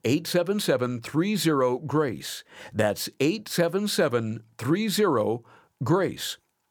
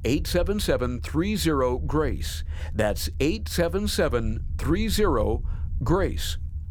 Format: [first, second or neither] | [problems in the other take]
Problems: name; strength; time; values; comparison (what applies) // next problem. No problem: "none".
first | low rumble; faint; throughout; 25 dB below the speech